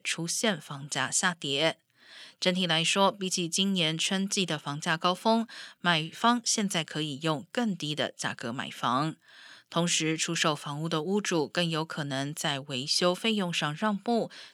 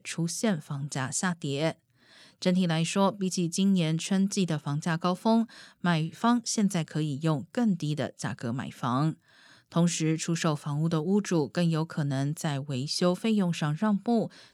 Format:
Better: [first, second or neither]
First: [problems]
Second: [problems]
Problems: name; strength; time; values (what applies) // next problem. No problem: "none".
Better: second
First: thin; somewhat; fading below 500 Hz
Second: none